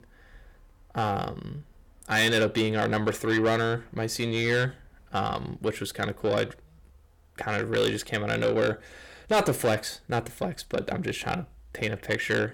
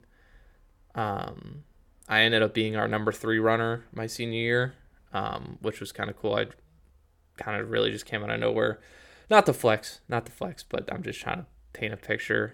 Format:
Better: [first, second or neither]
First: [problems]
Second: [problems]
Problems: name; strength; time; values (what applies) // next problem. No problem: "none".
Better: second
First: distortion; heavy; 7 dB below the speech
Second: none